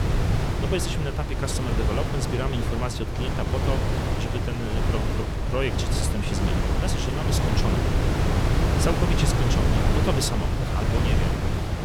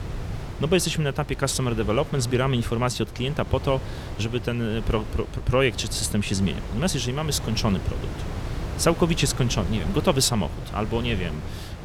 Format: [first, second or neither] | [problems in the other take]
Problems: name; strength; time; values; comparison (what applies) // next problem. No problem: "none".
second | wind noise on the microphone; heavy; 2 dB above the speech; occasional gusts in the second